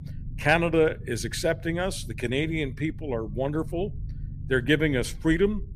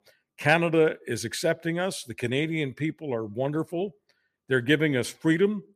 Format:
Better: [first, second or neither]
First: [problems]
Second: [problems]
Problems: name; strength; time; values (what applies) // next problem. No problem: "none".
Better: second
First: low rumble; faint; throughout; 25 dB below the speech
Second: none